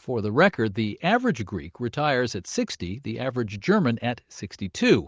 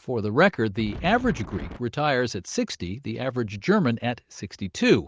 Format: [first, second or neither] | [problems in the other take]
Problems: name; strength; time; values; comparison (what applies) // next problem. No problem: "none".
first | background sound (Wind); 12 dB below the speech